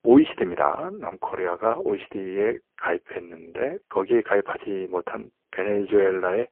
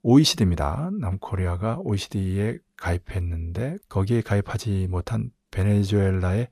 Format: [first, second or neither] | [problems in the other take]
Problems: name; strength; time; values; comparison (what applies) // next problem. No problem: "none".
second | phone-call audio; poor line